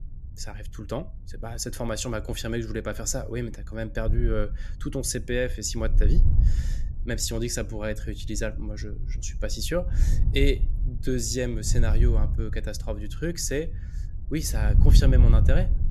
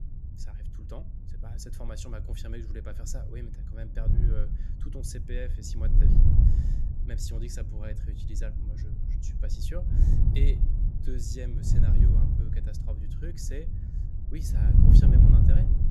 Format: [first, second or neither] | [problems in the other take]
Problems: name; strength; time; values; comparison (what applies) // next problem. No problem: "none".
first | wind noise on the microphone; heavy; 4 dB above the speech; occasional gusts in the first